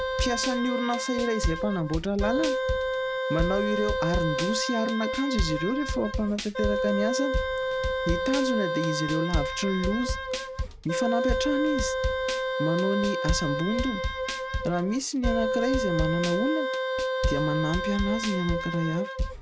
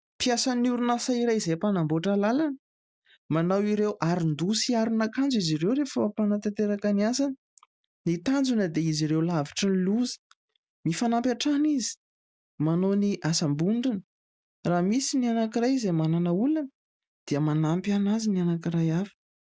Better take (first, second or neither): second